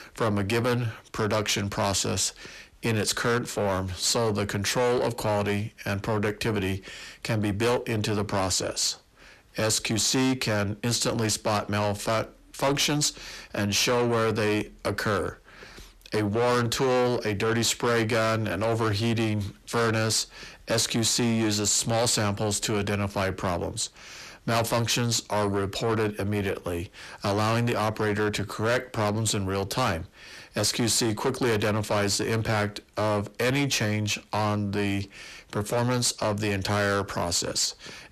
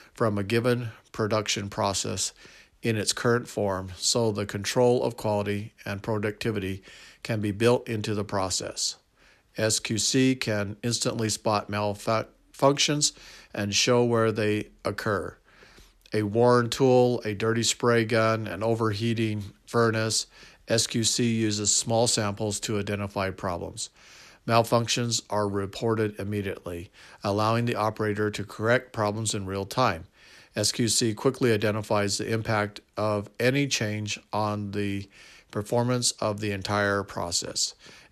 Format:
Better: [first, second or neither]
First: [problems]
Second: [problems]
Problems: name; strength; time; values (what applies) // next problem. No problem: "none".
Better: second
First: distortion; heavy; 7 dB below the speech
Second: none